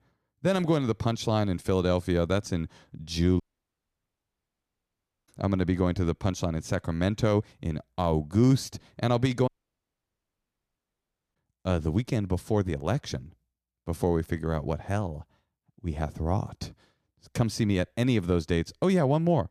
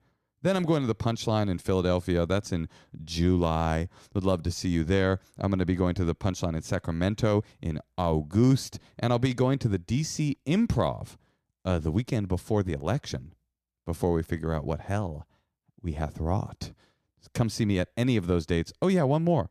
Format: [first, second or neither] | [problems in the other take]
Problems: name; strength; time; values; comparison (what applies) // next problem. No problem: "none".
second | audio cutting out; at 3.5 s for 2 s and at 9.5 s for 2 s